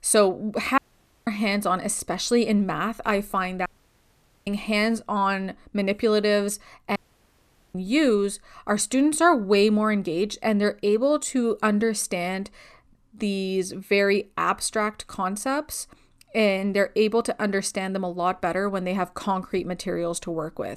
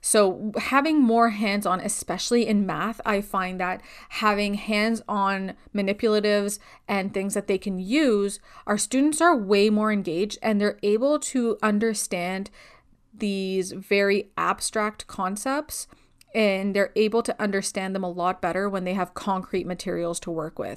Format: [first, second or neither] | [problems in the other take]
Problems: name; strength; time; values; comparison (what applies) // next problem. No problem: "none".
second | audio cutting out; at 1 s, at 3.5 s for 1 s and at 7 s for 1 s